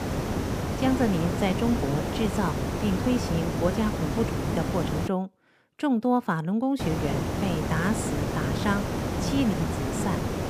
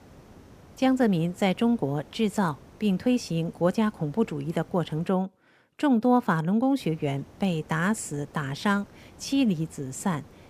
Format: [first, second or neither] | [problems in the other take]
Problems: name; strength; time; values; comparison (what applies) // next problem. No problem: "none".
second | hiss; loud; until 5 s and from 7 s on; 1 dB below the speech; faint in the second